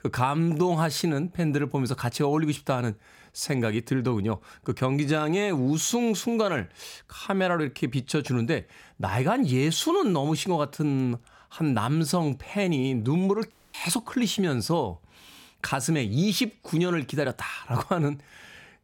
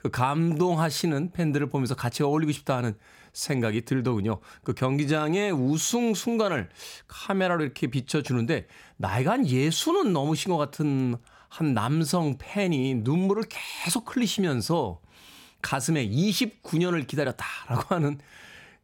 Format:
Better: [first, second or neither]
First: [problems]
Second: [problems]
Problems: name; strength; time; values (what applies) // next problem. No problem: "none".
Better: second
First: audio cutting out; at 14 s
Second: none